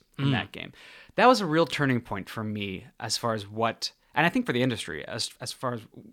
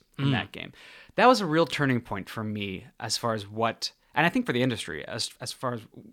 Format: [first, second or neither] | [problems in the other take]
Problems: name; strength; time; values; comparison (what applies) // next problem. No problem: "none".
neither | none